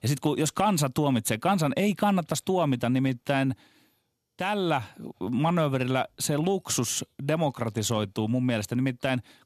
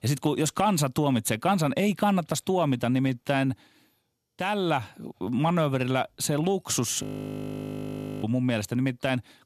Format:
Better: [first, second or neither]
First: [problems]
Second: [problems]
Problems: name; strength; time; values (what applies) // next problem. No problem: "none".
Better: first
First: none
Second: audio freezing; at 7 s for 1 s